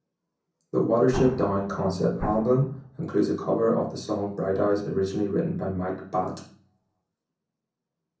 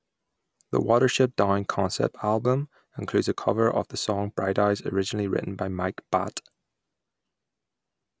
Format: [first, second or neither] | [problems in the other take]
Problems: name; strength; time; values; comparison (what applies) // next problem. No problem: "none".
second | background sound (Explosion); 9 dB below the speech // room echo; dies away in 0.6 s